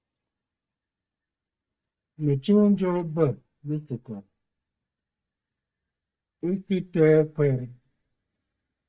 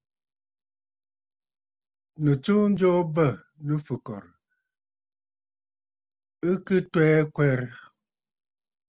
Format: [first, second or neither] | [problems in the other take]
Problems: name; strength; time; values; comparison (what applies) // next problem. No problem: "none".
second | noise reduction (neural mask model DeepFilterNet 3)